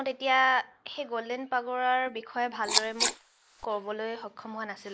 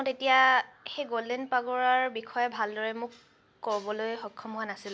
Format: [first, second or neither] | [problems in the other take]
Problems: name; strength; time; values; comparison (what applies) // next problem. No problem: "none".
second | noise reduction (neural mask model Resemble Enhance denoiser)